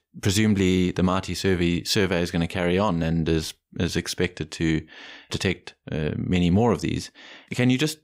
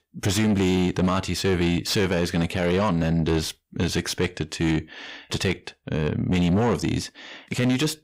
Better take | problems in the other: first | distortion; slight; 10 dB below the speech

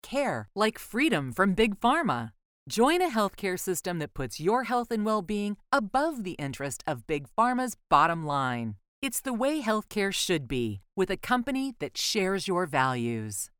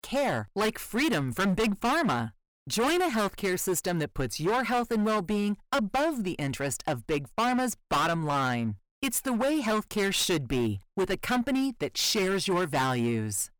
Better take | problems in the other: first | distortion; heavy; 16% of the sound clipped

